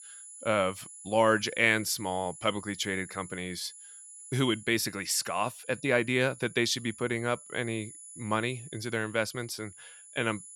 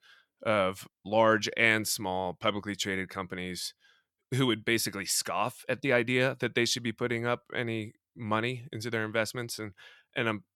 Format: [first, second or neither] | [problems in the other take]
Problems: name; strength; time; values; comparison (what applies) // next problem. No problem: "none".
second | high-pitched whine; noticeable; throughout; 10 kHz, 15 dB below the speech